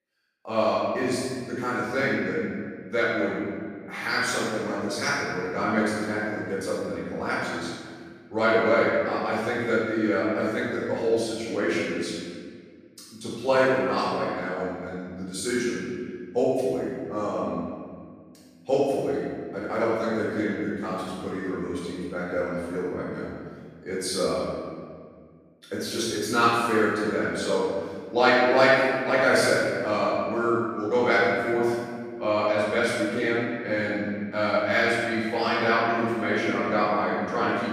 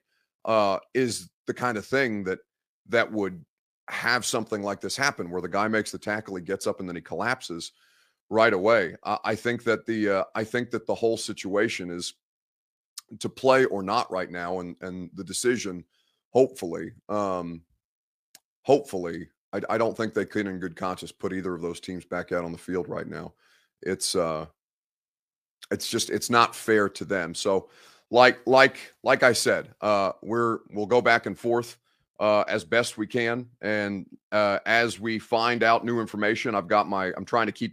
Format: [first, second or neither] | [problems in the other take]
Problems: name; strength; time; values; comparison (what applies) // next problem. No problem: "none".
second | room echo; strong; dies away in 1.7 s // off-mic speech; far